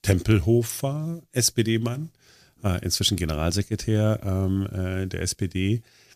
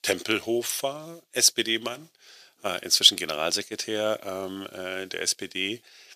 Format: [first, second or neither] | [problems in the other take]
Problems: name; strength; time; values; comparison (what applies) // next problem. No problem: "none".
first | thin; very; fading below 550 Hz